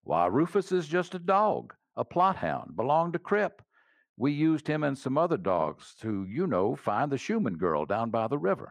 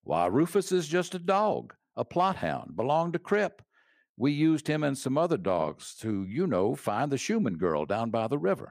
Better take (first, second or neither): second